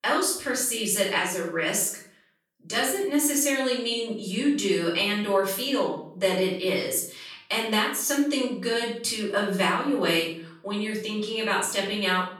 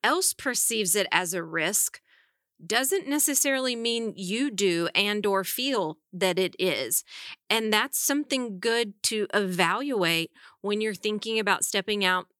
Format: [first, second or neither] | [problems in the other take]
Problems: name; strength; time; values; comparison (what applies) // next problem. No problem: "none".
second | off-mic speech; far // room echo; noticeable; dies away in 0.5 s